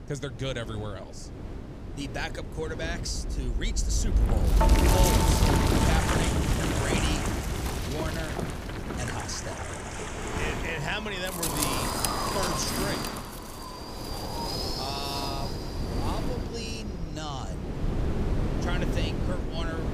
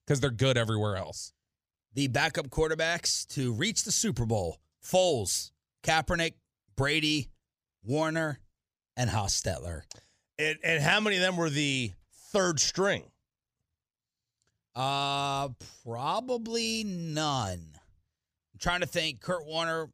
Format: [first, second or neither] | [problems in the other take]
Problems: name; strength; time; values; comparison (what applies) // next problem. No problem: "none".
second | wind noise on the microphone; heavy; 4 dB above the speech